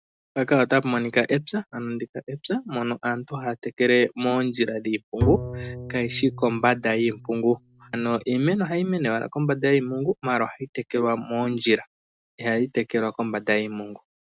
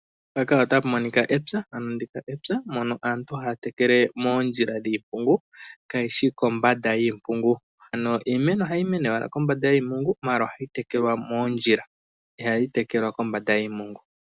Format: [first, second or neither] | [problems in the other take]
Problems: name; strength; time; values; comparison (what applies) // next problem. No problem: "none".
second | noise reduction (neural mask model RNNoise)